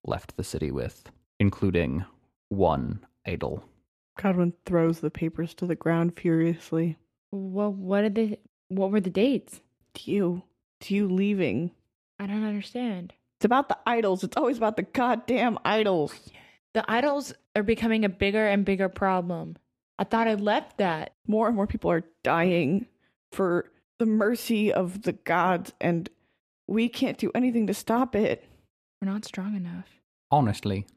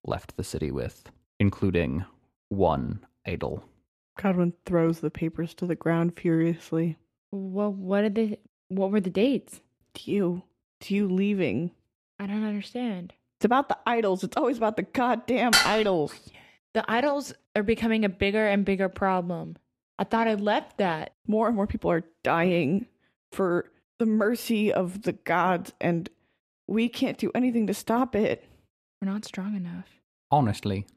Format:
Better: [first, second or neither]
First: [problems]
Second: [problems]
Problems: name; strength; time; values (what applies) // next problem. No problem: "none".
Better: first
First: none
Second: clattering dishes; loud; at 16 s; peak 6 dB above the speech